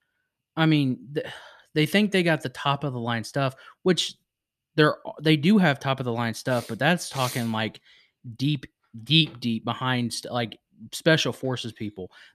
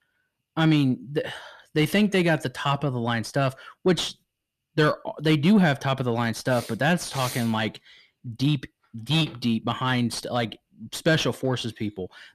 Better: first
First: none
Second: distortion; slight; 10 dB below the speech

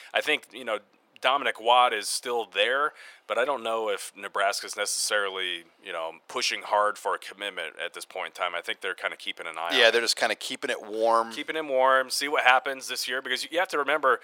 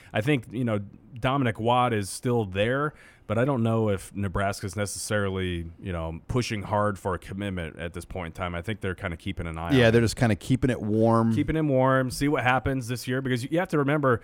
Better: second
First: thin; very; fading below 550 Hz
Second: none

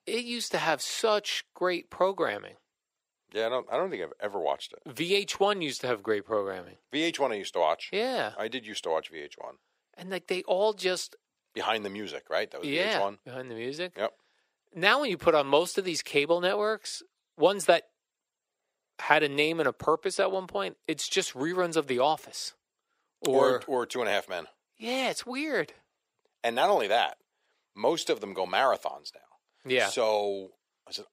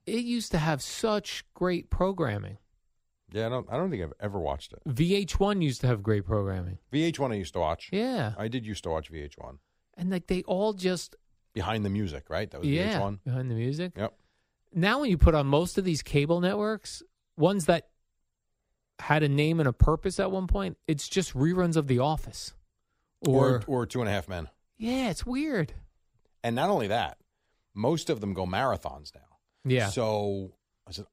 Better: second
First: thin; somewhat; fading below 500 Hz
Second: none

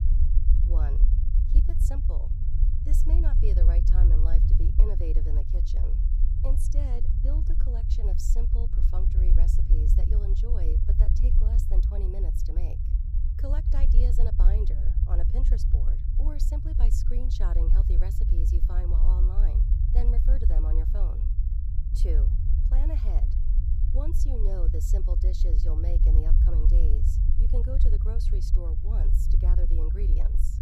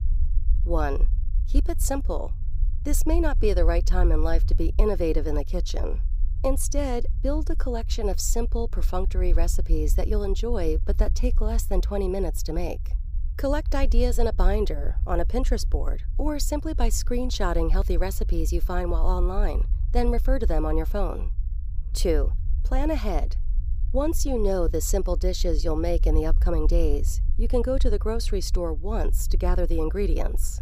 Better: second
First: low rumble; loud; throughout; 2 dB below the speech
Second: low rumble; faint; throughout; 20 dB below the speech

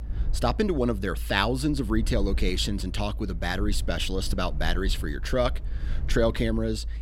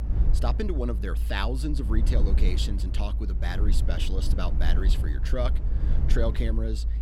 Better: first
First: low rumble; faint; throughout; 20 dB below the speech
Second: low rumble; loud; throughout; 9 dB below the speech

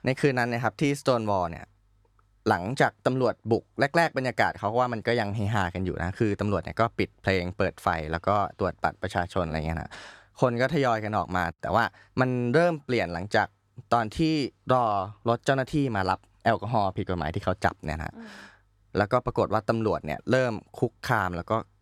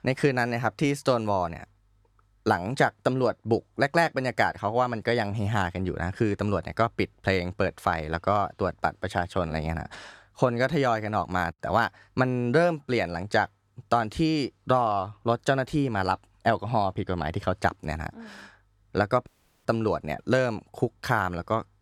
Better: first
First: none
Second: audio cutting out; at 19 s

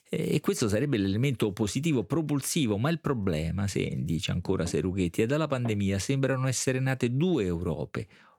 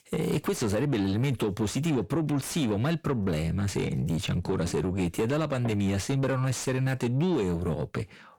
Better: first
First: none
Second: distortion; slight; 10 dB below the speech

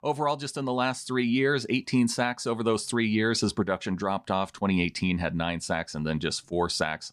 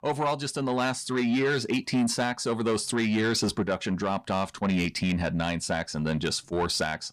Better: first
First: none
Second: distortion; slight; 10 dB below the speech

